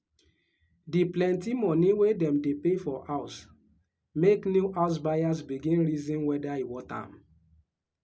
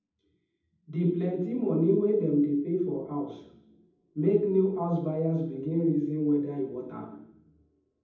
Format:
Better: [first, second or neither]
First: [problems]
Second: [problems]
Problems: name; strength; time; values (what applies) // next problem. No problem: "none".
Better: first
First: none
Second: room echo; dies away in 0.8 s